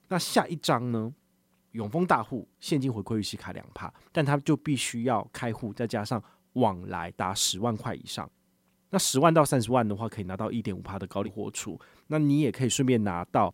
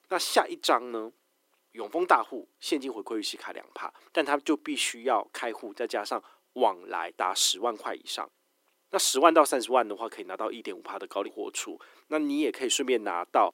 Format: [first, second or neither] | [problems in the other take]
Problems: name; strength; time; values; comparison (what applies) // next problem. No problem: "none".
first | thin; somewhat; fading below 300 Hz